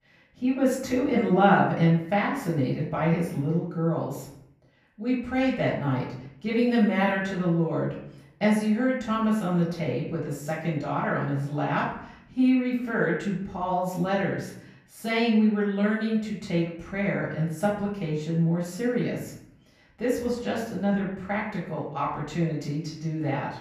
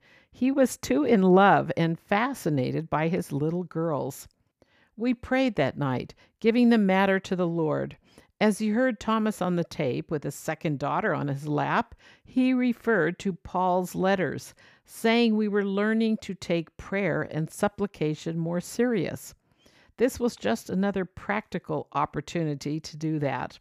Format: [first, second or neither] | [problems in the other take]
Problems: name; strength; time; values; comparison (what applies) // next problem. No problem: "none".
second | room echo; noticeable; dies away in 0.6 s // off-mic speech; far